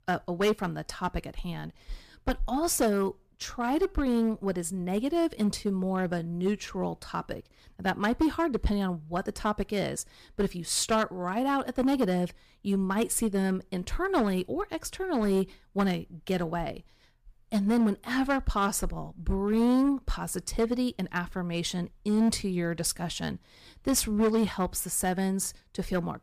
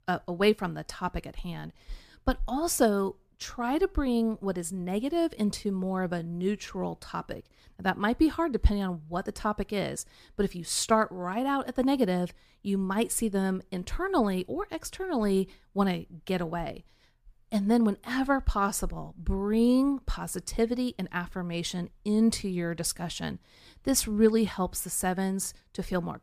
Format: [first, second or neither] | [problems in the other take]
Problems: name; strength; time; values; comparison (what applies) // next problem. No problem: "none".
second | distortion; slight; 5% of the sound clipped